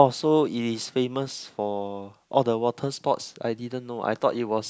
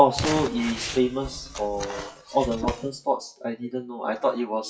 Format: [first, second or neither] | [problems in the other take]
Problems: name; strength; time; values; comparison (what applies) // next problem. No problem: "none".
first | noise reduction (classical method WPE with log-MMSE)